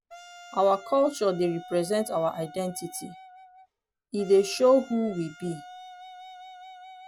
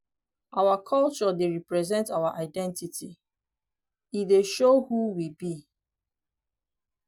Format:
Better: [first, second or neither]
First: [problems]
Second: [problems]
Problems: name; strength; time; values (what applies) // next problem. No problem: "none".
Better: second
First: background sound (Wind instrument, woodwind instrument); 18 dB below the speech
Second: none